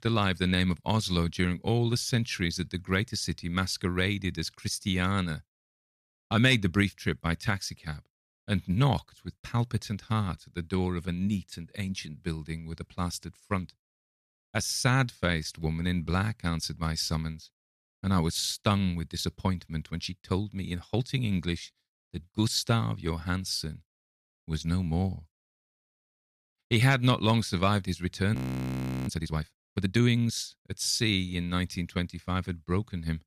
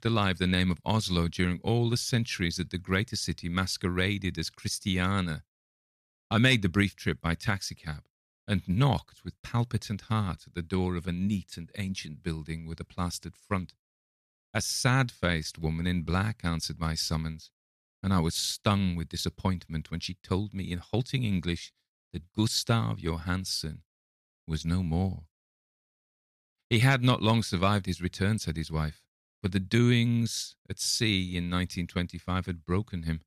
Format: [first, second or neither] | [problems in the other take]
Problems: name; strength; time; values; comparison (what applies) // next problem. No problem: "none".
second | audio freezing; at 28 s for 0.5 s